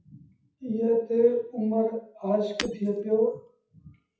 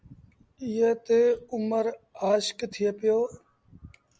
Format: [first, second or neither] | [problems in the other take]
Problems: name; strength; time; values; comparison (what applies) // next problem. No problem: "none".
second | noise reduction (classical method WPE with log-MMSE)